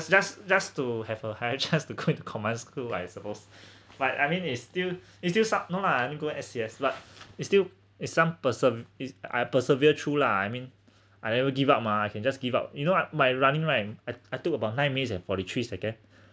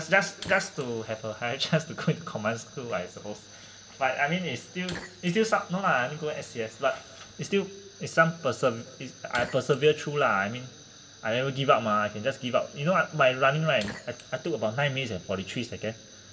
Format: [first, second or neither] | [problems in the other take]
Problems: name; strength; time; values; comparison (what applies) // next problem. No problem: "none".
first | background sound (Fire); 19 dB below the speech // room echo; dies away in 1.6 s